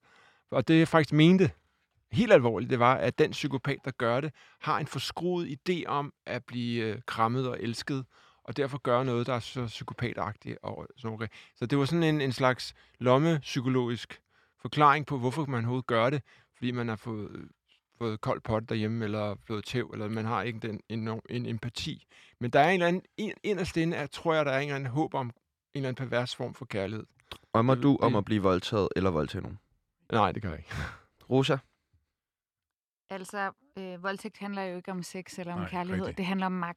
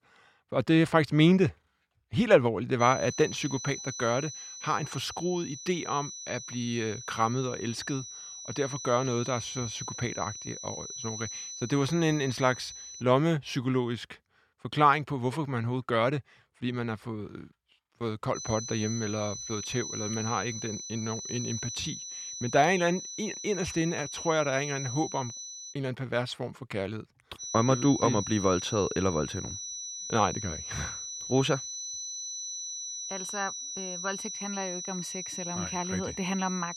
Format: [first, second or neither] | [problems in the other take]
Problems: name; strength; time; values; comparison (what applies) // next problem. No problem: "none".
first | high-pitched whine; loud; from 3 to 13 s, from 18 to 26 s and from 27 s on; 6 kHz, 7 dB below the speech